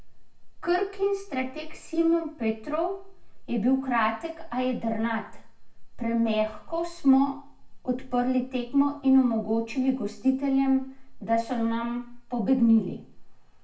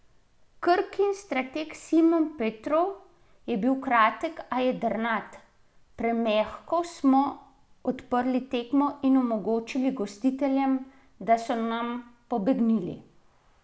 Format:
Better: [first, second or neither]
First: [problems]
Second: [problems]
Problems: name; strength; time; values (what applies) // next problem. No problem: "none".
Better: second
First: room echo; dies away in 0.2 s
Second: none